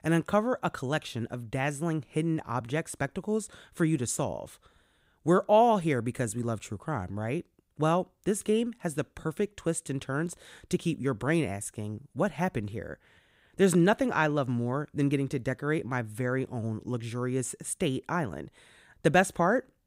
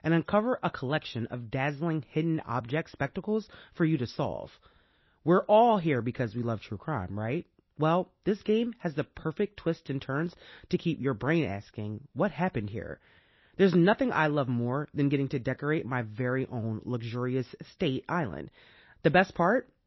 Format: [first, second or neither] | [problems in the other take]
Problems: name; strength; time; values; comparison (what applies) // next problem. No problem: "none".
first | garbled, watery; slightly; nothing above 5.5 kHz